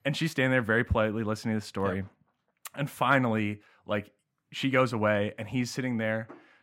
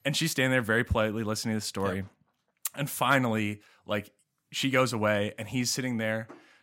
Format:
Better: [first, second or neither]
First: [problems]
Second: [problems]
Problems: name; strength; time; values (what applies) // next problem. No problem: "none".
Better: second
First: muffled; slightly; fading above 3.5 kHz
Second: none